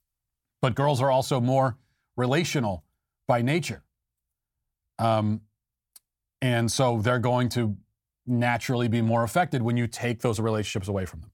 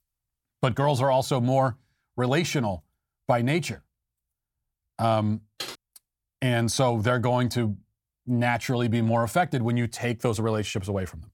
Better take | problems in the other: first | keyboard typing; faint; at 5.5 s; peak 10 dB below the speech

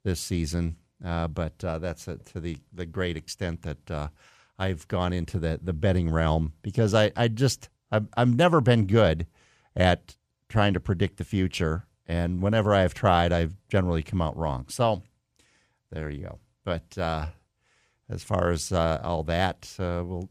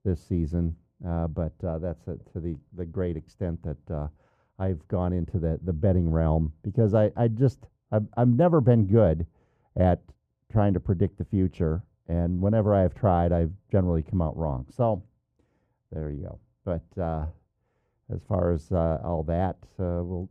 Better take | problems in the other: first | muffled; very; fading above 1.5 kHz

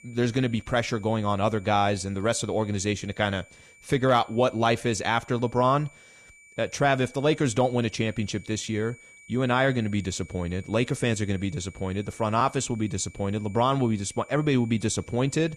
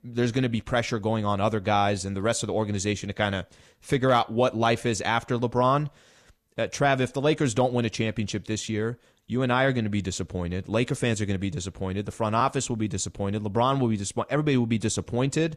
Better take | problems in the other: second | high-pitched whine; faint; throughout; 2.5 kHz, 25 dB below the speech

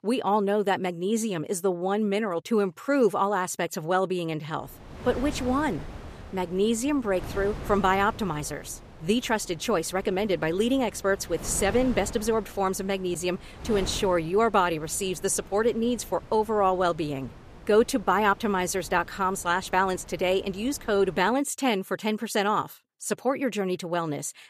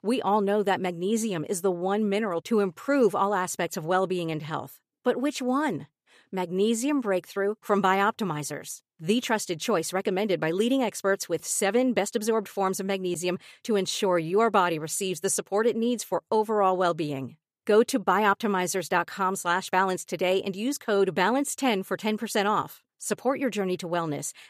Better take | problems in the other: second | wind noise on the microphone; occasional gusts; from 4.5 to 21 s; 20 dB below the speech

